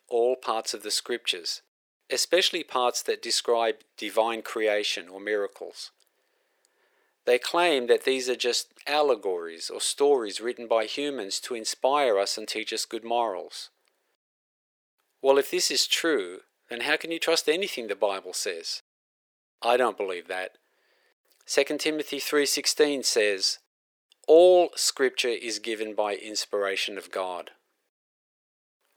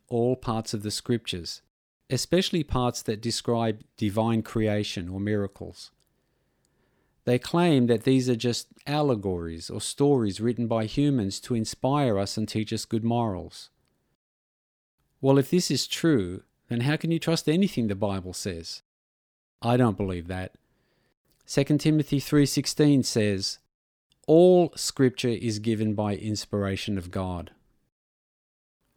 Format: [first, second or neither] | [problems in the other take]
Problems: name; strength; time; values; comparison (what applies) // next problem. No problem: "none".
second | thin; very; fading below 450 Hz